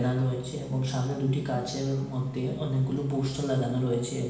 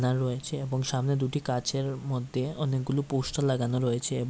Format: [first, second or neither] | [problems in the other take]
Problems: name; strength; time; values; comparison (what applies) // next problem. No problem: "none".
second | background sound (Guitar); 16 dB below the speech // room echo; dies away in 0.9 s